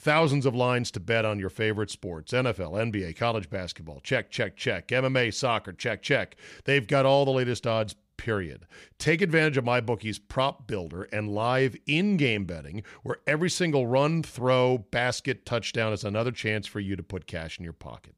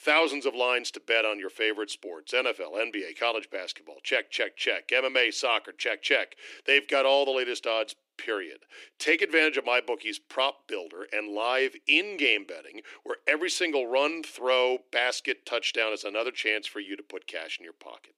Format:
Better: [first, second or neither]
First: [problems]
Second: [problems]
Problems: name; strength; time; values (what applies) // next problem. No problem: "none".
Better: first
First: none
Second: thin; very; fading below 300 Hz